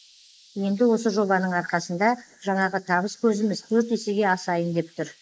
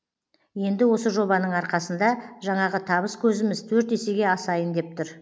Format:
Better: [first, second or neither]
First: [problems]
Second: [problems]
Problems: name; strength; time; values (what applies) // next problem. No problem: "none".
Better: second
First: noise reduction (neural mask model Resemble Enhance denoiser)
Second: none